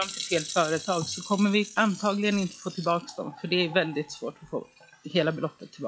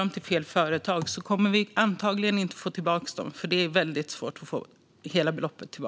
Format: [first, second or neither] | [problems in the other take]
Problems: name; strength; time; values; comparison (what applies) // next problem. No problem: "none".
second | noise reduction (classical method log-MMSE)